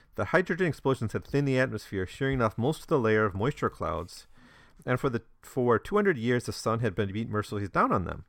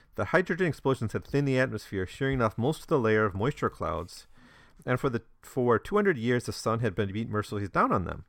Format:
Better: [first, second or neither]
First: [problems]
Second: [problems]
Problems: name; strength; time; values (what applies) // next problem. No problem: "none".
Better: neither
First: none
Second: none